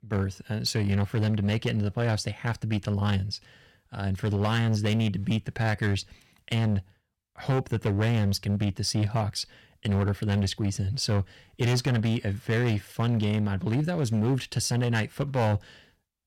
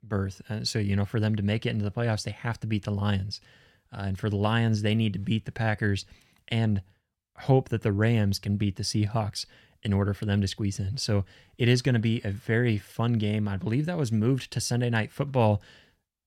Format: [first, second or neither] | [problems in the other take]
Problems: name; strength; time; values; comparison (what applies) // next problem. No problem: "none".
second | distortion; slight; 11% of the sound clipped